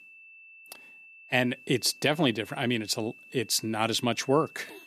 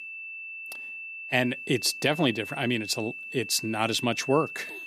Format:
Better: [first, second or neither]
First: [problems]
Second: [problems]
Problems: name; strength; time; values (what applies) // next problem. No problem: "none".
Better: first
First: high-pitched whine; faint; throughout; 2.5 kHz, 20 dB below the speech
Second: high-pitched whine; loud; throughout; 2.5 kHz, 9 dB below the speech